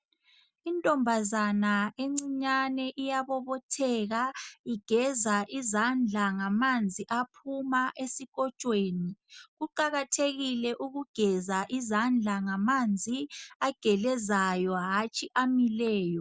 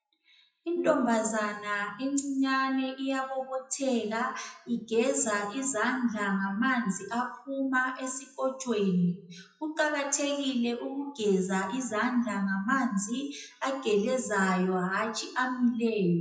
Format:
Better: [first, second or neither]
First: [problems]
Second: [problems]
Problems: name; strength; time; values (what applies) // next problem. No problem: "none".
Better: first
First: none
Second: noise reduction (classical method WPE with log-MMSE)